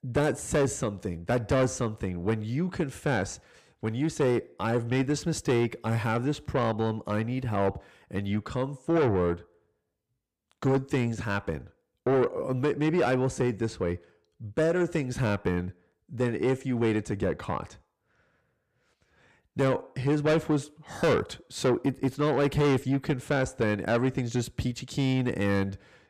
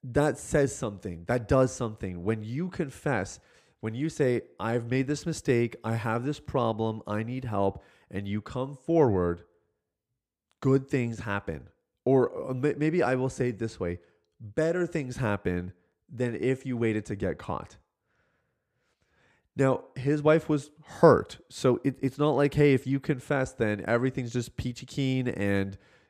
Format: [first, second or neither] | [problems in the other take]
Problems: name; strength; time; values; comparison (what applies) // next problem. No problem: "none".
second | distortion; heavy; 8 dB below the speech